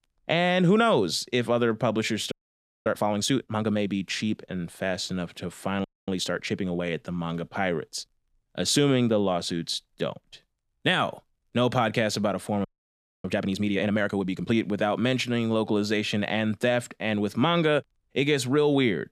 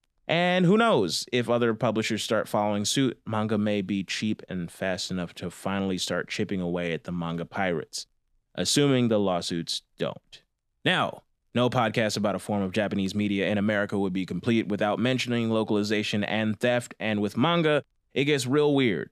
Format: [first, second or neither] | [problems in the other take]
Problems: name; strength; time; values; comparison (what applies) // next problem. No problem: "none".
second | audio freezing; at 2.5 s for 0.5 s, at 6 s and at 13 s for 0.5 s